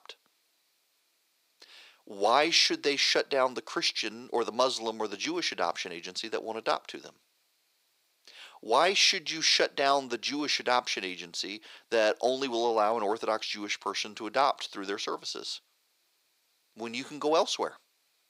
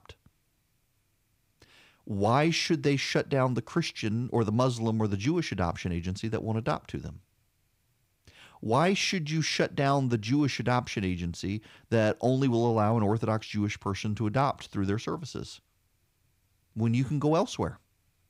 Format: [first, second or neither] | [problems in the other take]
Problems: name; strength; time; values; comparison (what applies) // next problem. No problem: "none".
second | thin; very; fading below 400 Hz